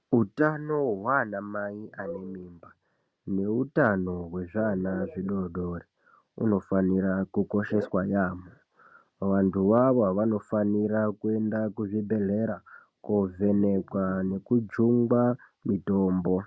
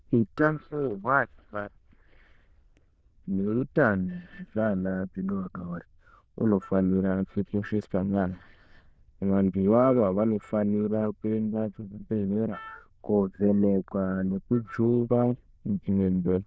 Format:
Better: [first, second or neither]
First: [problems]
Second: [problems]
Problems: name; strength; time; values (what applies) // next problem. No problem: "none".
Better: first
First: none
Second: noise reduction (neural diffusion model UNIVERSE++)